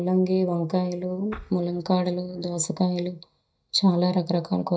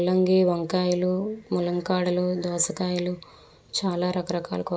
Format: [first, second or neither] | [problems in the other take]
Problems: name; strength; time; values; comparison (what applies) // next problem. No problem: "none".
second | noise reduction (neural mask model DeepFilterNet 3)